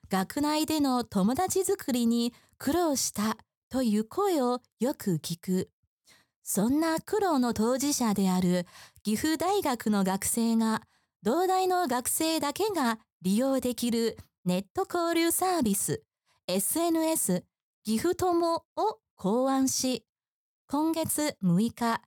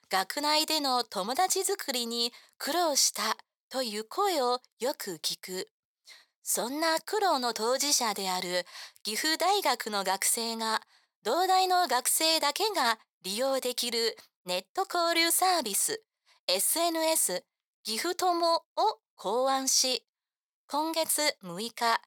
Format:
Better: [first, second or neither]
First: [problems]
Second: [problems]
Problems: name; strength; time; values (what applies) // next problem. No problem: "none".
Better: first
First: none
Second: thin; very; fading below 600 Hz